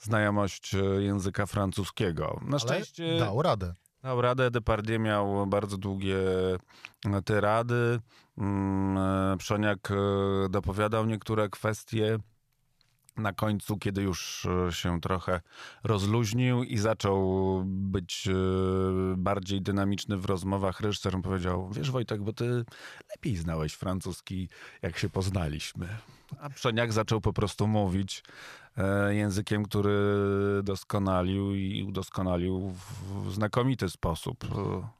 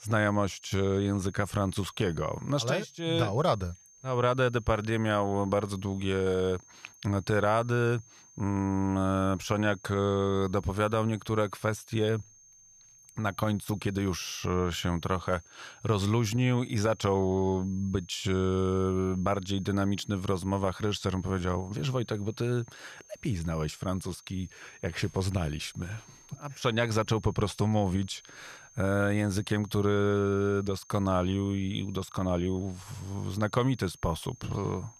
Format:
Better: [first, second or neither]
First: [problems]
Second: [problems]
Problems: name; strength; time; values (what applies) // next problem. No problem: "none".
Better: first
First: none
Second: high-pitched whine; faint; throughout; 6.5 kHz, 25 dB below the speech